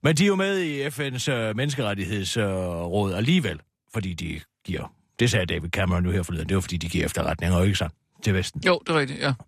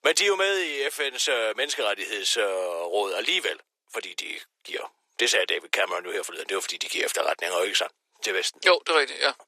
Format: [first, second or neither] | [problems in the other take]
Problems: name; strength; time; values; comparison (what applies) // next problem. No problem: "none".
first | thin; very; fading below 400 Hz